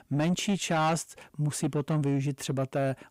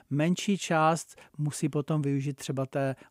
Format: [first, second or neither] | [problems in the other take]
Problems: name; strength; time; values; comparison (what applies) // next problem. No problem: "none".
second | distortion; slight; 10 dB below the speech